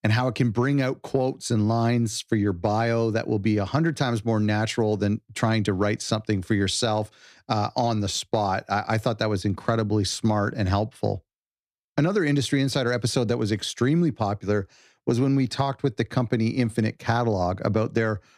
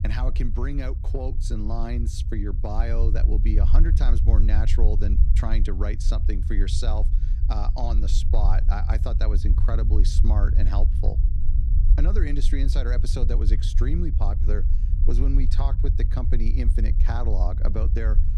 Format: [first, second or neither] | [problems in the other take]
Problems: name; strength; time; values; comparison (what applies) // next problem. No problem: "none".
first | low rumble; loud; throughout; 8 dB below the speech